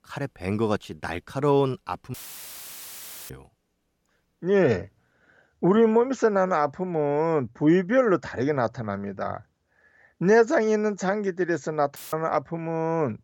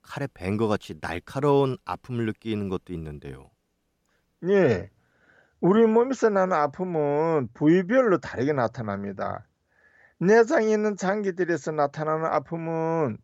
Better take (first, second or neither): second